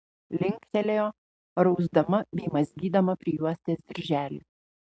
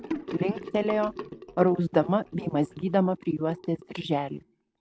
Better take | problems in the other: first | background sound (Sink (filling or washing) / Gurgling); 13 dB below the speech

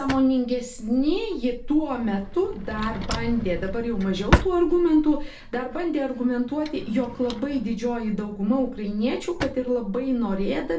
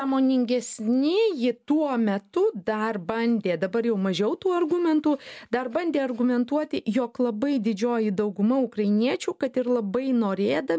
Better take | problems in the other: second | background sound (Drawer open or close); 7 dB below the speech // room echo; dies away in 0.3 s

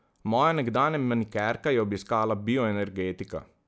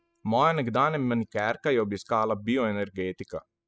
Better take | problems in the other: first | noise reduction (classical method spectral subtraction)

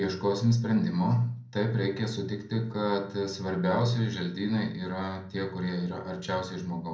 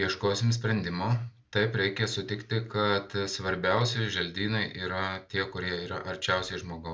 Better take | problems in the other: second | room echo; dies away in 0.6 s

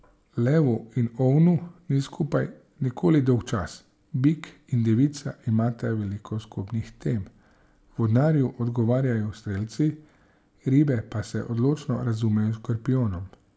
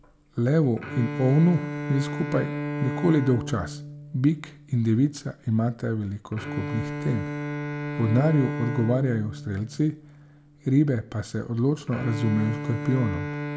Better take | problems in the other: first | background sound (Bowed string instrument); 8 dB below the speech

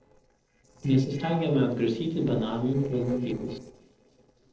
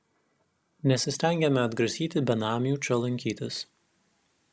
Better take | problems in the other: second | noise reduction (neural separator model SepFormer DNS4)

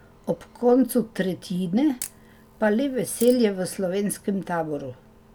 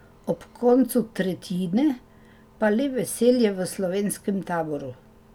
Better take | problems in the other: second | background sound (Camera); 19 dB below the speech

